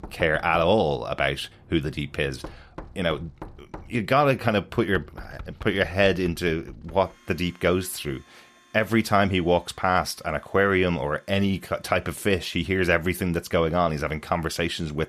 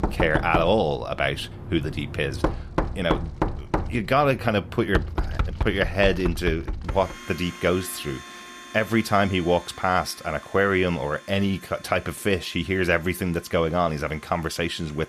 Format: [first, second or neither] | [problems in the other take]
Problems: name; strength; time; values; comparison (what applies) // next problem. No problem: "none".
first | household noises; loud; throughout; 7 dB below the speech; faint in the first